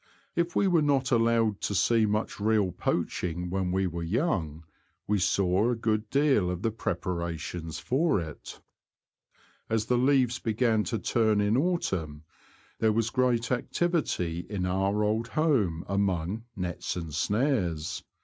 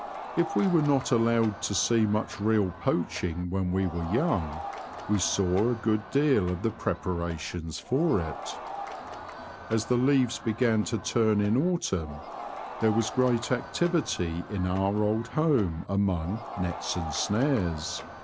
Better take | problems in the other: first | background sound (Crowd); 13 dB below the speech

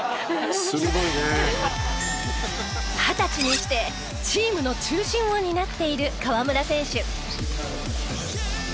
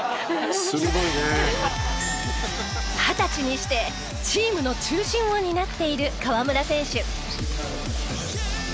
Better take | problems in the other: second | background sound (Cutlery, silverware); 8 dB below the speech

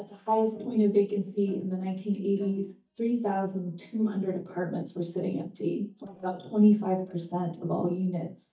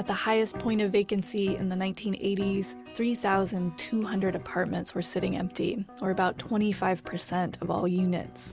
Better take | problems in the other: second | noise reduction (neural mask model DeepFilterNet 3)

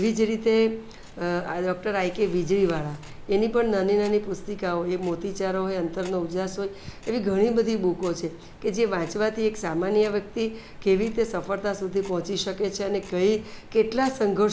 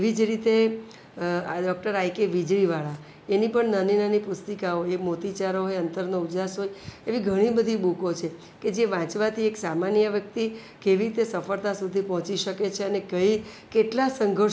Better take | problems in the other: second | background sound (Tick-tock); 16 dB below the speech

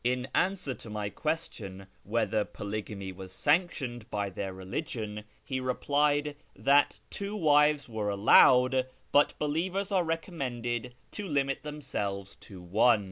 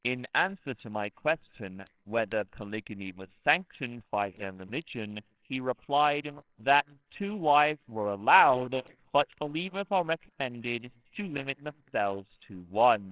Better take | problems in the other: first | noise reduction (neural separator model SepFormer WHAMR!)

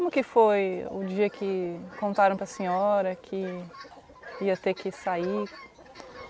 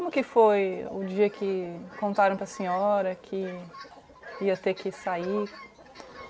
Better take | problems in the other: first | room echo; dies away in 0.2 s

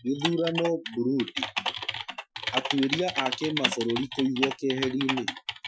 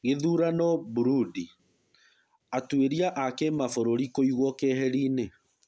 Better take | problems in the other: second | noise reduction (classical method Wiener filter)

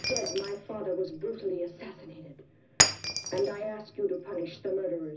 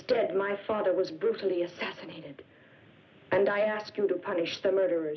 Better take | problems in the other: second | background sound (Shatter); as loud as the speech // room echo; dies away in 0.4 s

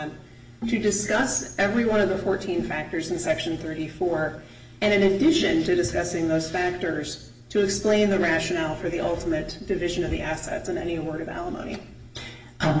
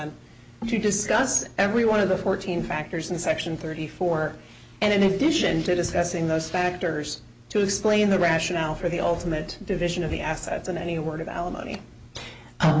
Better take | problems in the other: second | room echo; dies away in 0.7 s

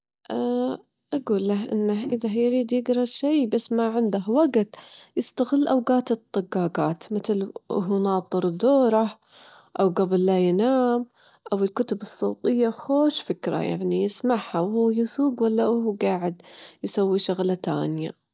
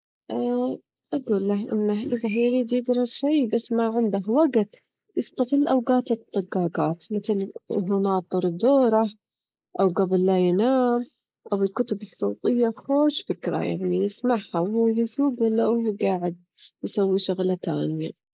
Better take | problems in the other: first | noise reduction (neural mask model Resemble Enhance denoiser)

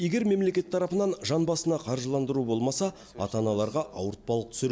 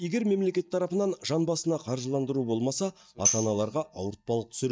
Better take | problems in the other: first | noise reduction (neural mask model DeepFilterNet 3)

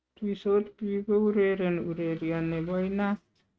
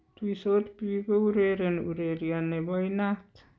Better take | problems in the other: second | noise reduction (neural mask model RNNoise)

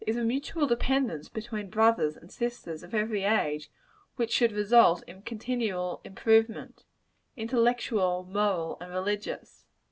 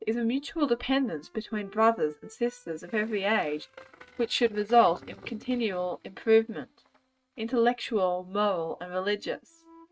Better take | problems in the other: first | noise reduction (neural mask model RNNoise)

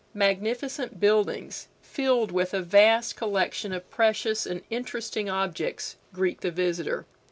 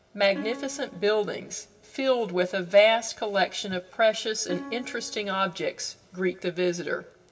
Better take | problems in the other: first | background sound (Plucked string instrument); 16 dB below the speech // room echo; dies away in 0.7 s

